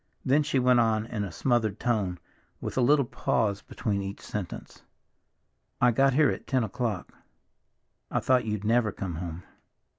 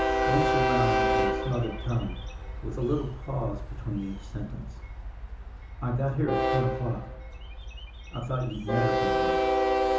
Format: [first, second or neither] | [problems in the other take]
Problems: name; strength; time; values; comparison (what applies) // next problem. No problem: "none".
first | background sound (Train); 3 dB above the speech // room echo; dies away in 0.6 s